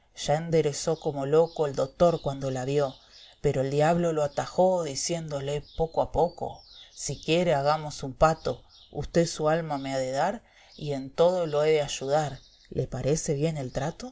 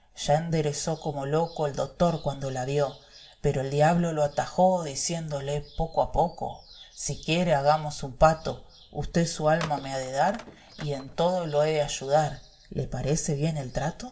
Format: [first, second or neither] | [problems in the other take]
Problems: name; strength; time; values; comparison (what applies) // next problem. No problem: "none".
first | background sound (Telephone); 17 dB below the speech // room echo; dies away in 0.3 s